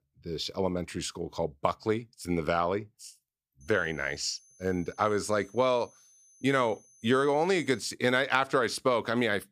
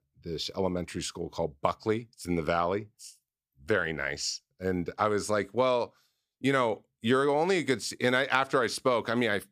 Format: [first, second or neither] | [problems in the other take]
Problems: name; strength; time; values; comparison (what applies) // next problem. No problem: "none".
second | high-pitched whine; faint; from 3.5 to 8 s; 6 kHz, 30 dB below the speech